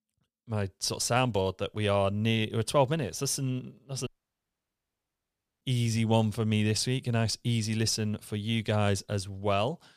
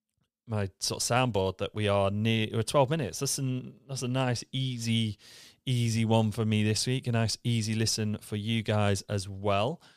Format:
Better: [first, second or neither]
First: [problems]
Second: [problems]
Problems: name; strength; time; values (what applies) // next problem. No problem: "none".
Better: second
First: audio cutting out; at 4 s for 1.5 s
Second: none